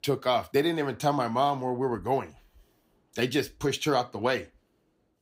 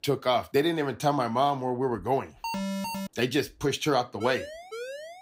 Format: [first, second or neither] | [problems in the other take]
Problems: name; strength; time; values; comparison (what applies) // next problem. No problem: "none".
first | alarm; noticeable; at 2.5 s; peak 4 dB below the speech // siren; faint; from 4 s on; peak 10 dB below the speech